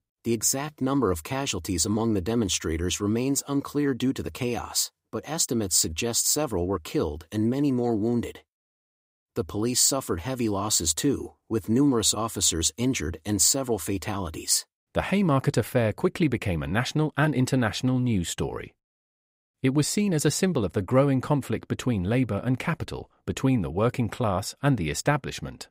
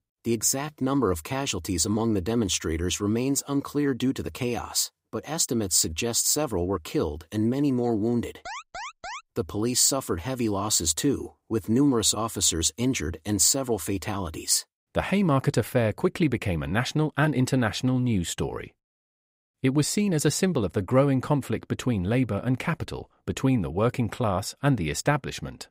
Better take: first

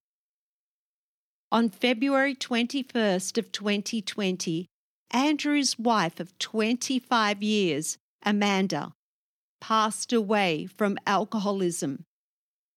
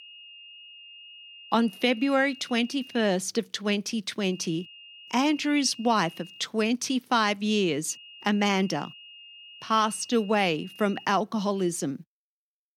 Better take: first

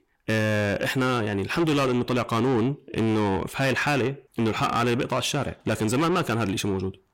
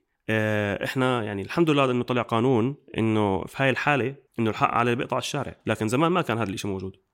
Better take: second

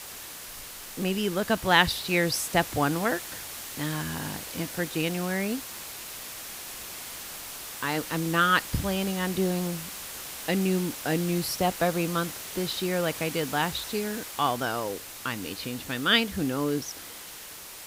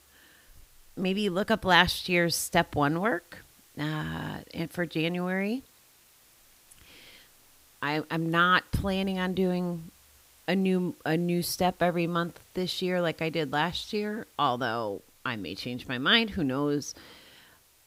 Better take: second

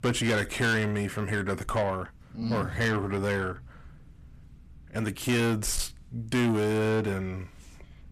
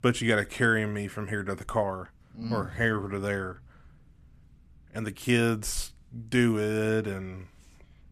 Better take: second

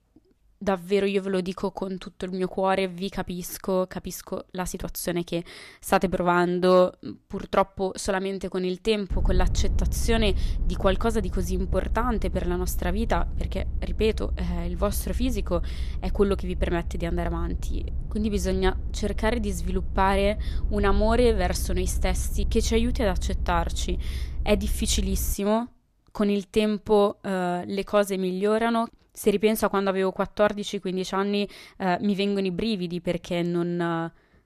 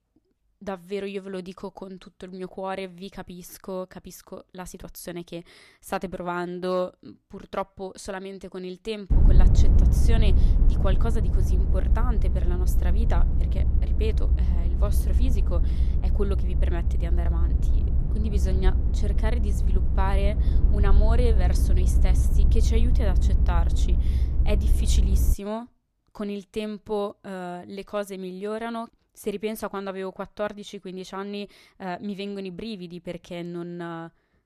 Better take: first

